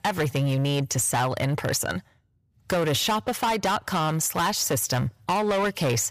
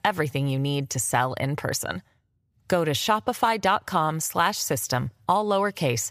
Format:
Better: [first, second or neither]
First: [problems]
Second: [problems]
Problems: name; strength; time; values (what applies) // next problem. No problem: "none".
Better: second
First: distortion; heavy; 16% of the sound clipped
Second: none